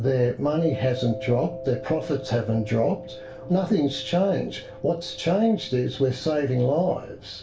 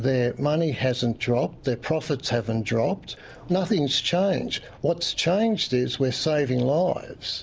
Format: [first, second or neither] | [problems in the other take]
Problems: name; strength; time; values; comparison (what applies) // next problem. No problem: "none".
second | background sound (Mallet percussion); 15 dB below the speech // room echo; dies away in 0.3 s